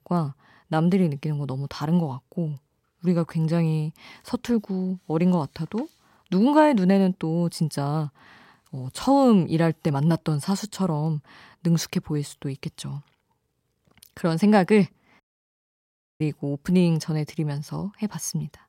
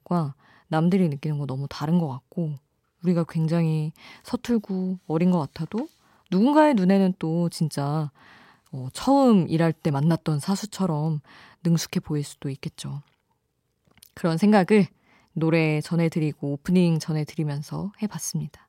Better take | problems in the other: second | audio cutting out; at 15 s for 1 s

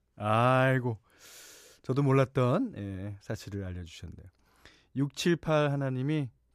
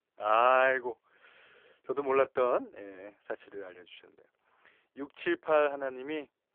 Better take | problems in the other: first | phone-call audio; poor line

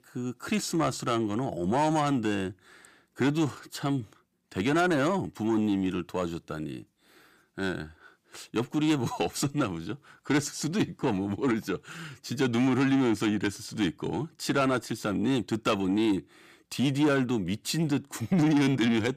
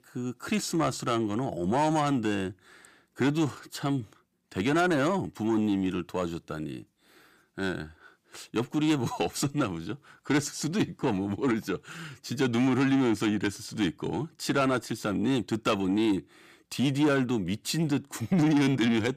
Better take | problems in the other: neither | distortion; slight; 10 dB below the speech; the same in both

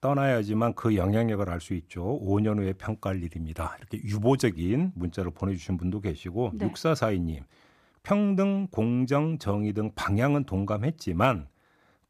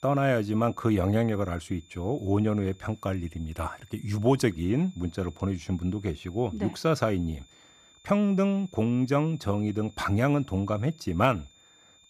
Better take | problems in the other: first | high-pitched whine; faint; throughout; 3.5 kHz, 30 dB below the speech

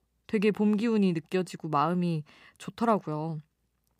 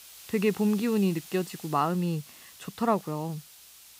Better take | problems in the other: first | hiss; noticeable; throughout; 15 dB below the speech

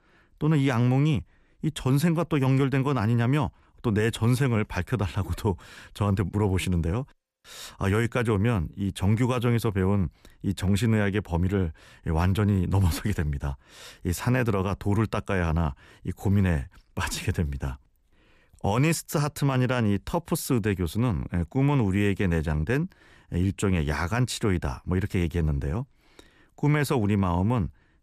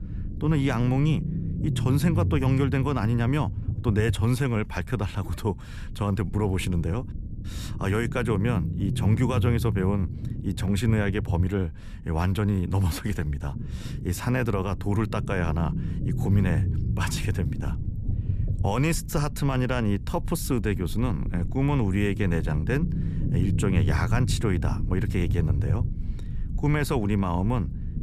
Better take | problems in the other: first | low rumble; noticeable; throughout; 10 dB below the speech

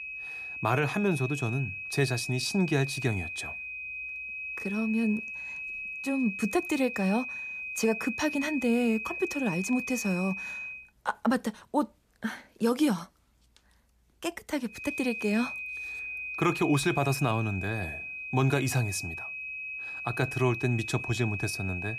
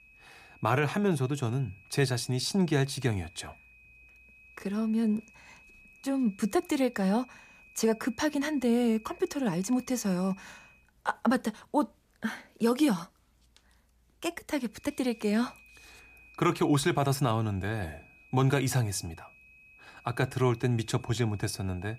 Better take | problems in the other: second | high-pitched whine; loud; until 11 s and from 15 s on; 2.5 kHz, 5 dB below the speech; faint in the second

